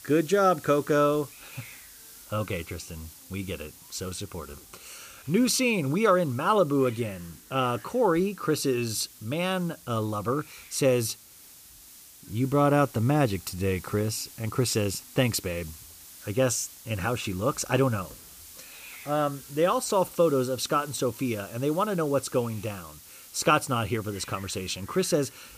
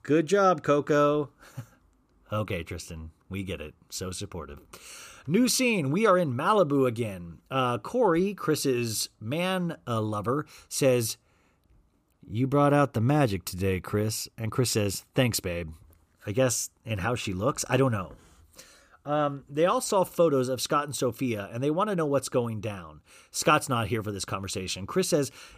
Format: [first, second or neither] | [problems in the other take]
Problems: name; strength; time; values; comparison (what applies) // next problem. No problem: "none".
second | hiss; noticeable; throughout; 20 dB below the speech